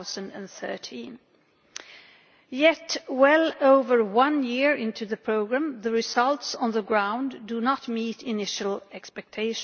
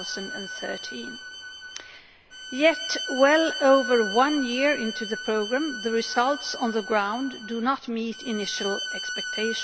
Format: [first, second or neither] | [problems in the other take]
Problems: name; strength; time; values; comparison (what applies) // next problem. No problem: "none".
first | background sound (Bowed string instrument); 9 dB below the speech